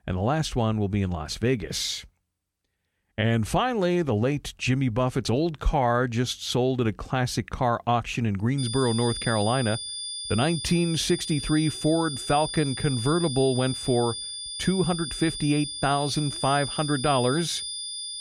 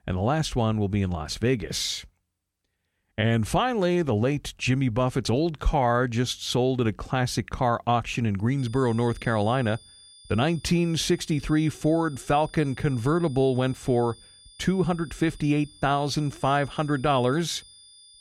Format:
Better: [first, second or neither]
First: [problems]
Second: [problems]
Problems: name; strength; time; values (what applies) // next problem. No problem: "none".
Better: second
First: high-pitched whine; loud; from 8.5 s on; 3.5 kHz, 6 dB below the speech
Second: high-pitched whine; faint; from 8.5 s on; 3.5 kHz, 25 dB below the speech